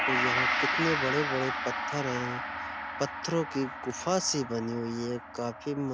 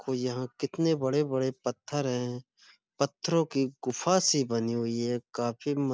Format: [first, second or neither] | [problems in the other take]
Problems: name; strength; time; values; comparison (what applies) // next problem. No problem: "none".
second | background sound (Gong); as loud as the speech